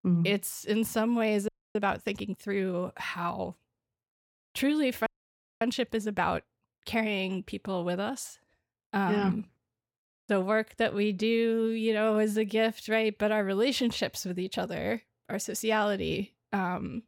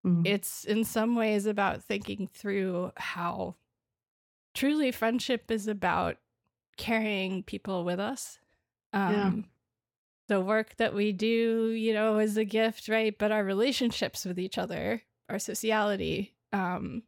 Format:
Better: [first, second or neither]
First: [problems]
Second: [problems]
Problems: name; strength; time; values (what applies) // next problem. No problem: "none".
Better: second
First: audio freezing; at 1.5 s and at 5 s for 0.5 s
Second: none